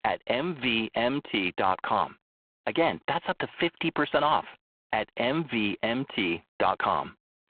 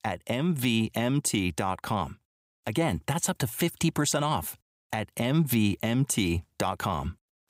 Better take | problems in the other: second | phone-call audio; poor line

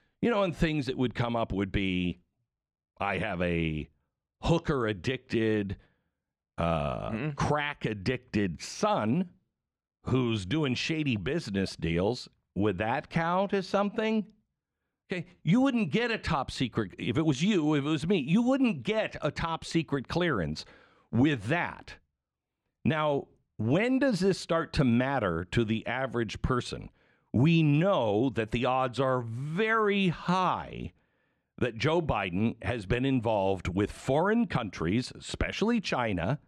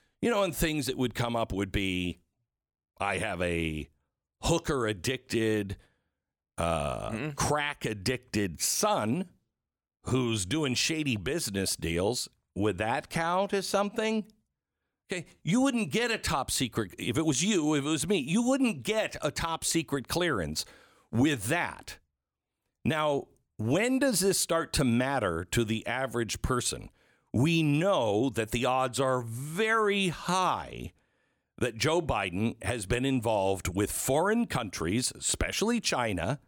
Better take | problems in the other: second | muffled; slightly; fading above 3.5 kHz

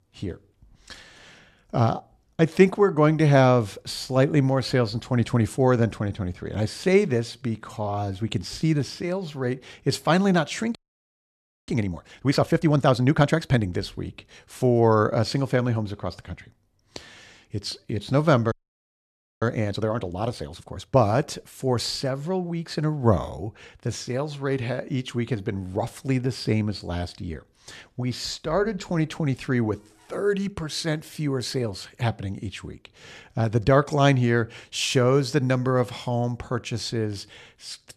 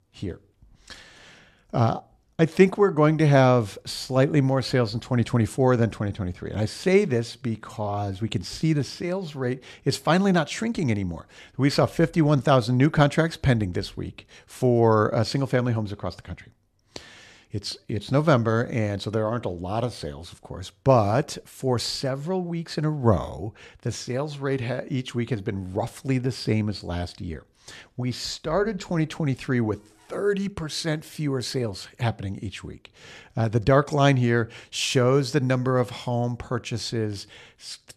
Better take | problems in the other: second | audio freezing; at 11 s for 1 s and at 19 s for 1 s

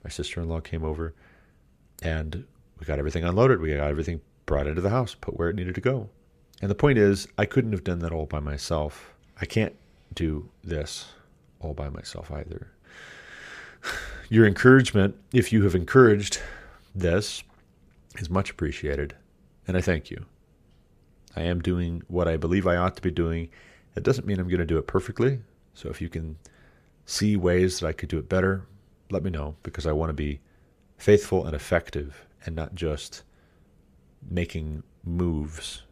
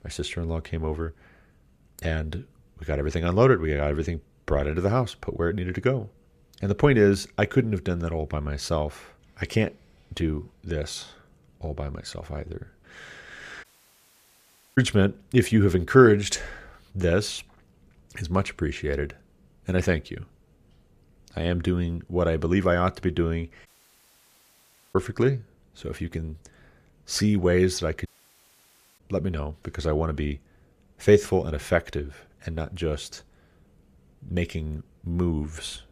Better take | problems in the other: first | audio cutting out; at 14 s for 1 s, at 24 s for 1.5 s and at 28 s for 1 s

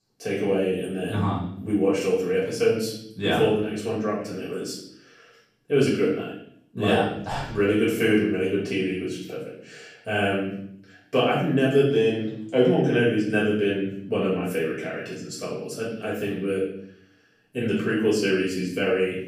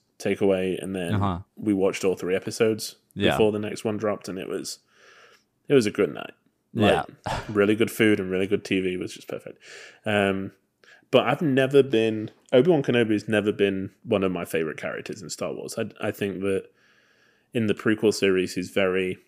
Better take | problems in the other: second | off-mic speech; far // room echo; noticeable; dies away in 0.7 s

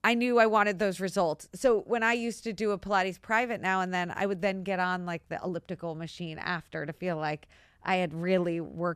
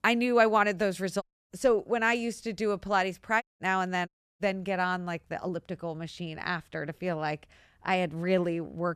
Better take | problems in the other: first | audio cutting out; at 1 s, at 3.5 s and at 4 s

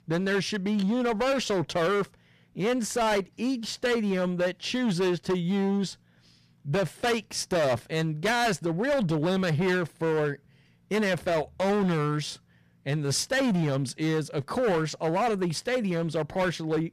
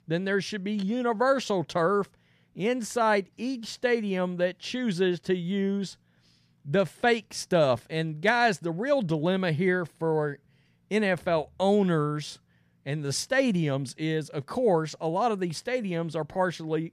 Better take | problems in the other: second | distortion; heavy; 17% of the sound clipped

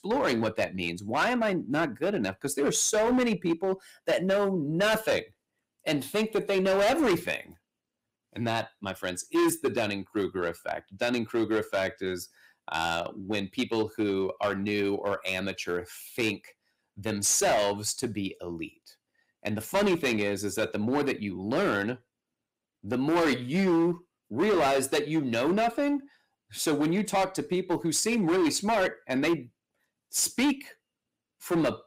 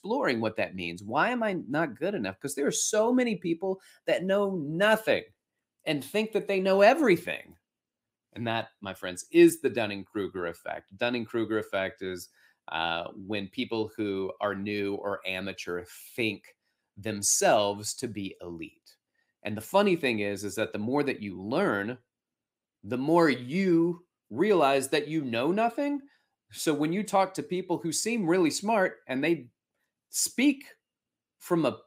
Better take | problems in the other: second | distortion; heavy; 9% of the sound clipped

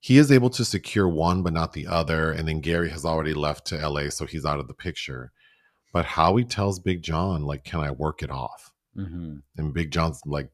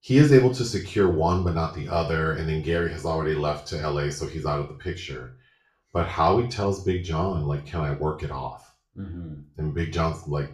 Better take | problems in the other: first | room echo; slight; dies away in 0.4 s // off-mic speech; far

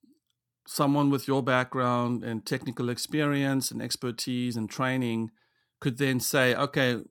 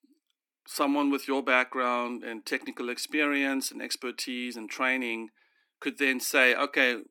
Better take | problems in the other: first | thin; very slightly; fading below 250 Hz

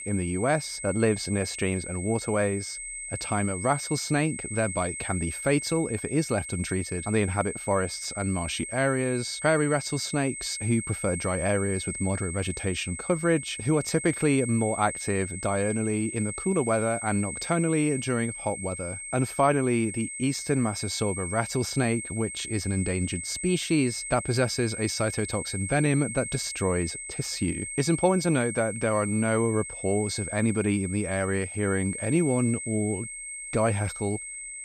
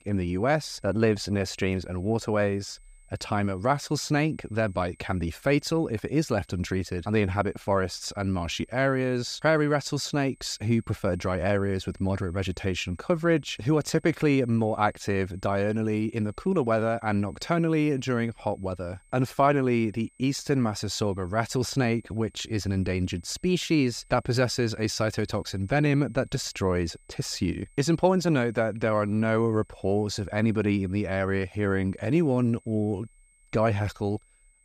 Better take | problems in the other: second | high-pitched whine; loud; throughout; 8 kHz, 7 dB below the speech; faint in the second

